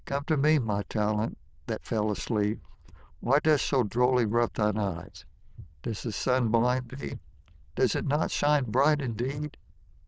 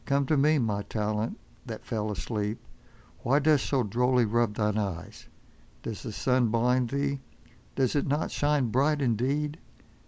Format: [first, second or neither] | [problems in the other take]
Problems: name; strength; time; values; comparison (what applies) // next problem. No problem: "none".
second | noise reduction (neural diffusion model UNIVERSE++)